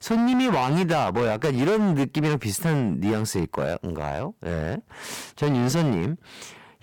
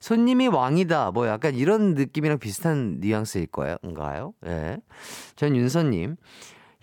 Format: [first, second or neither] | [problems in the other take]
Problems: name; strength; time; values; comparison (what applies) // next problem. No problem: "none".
second | distortion; heavy; 18% of the sound clipped